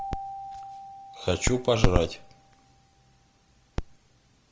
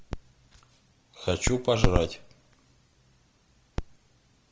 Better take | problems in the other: second | background sound (Keyboard (musical)); 15 dB below the speech

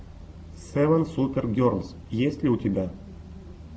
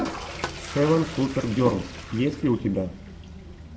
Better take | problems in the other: first | background sound (Toilet flush); 10 dB below the speech

